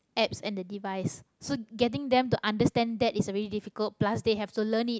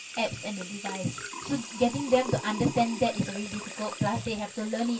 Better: first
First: none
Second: background sound (Sink (filling or washing) / Water tap, faucet); 10 dB below the speech // room echo; dies away in 0.1 s

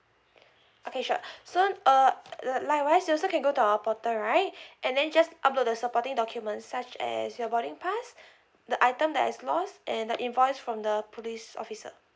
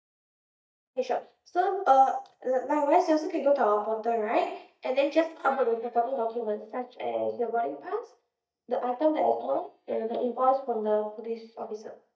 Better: first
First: none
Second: noise reduction (neural mask model DeepFilterNet 3)

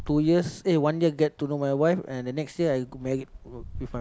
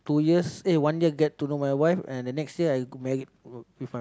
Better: second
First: background sound (Wind); 18 dB below the speech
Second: none

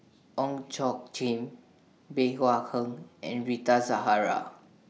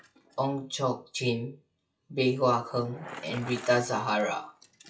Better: first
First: none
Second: noise reduction (classical method WPE with log-MMSE)

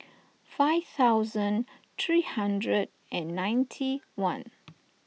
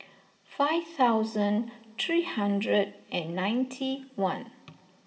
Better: first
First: none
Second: room echo; dies away in 2.1 s

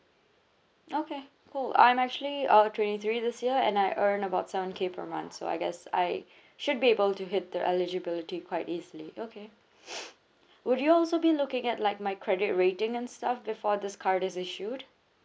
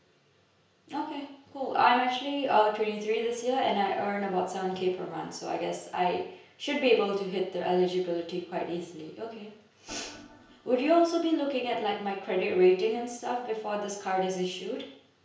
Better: first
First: none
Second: background sound (Organ); 19 dB below the speech // room echo; dies away in 0.5 s

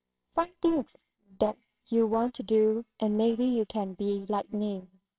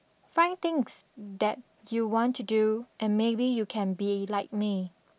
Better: second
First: noise reduction (neural separator model SepFormer WHAMR!)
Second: none

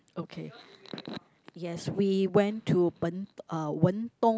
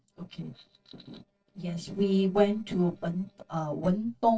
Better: first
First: none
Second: noise reduction (neural separator model SepFormer DNS4)

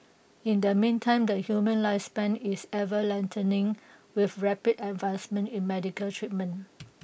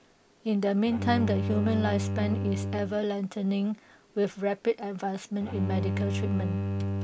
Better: first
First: none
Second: background sound (Bowed string instrument); 3 dB below the speech

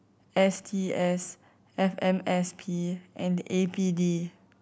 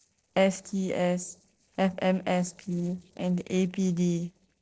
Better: first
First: none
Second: noise reduction (neural separator model SepFormer DNS4)

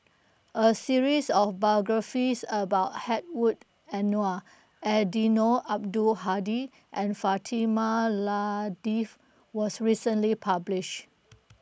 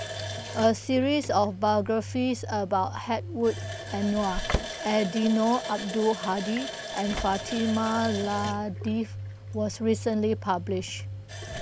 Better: first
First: none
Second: background sound (Slam / Engine + Water tap, faucet); 8 dB below the speech

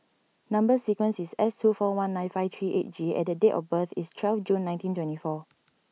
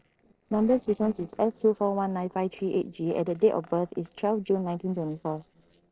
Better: first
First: none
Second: noise reduction (neural separator model SepFormer DNS4)

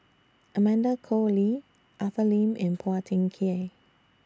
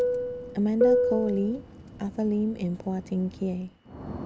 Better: first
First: none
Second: background sound (Fixed-wing aircraft, airplane); as loud as the speech

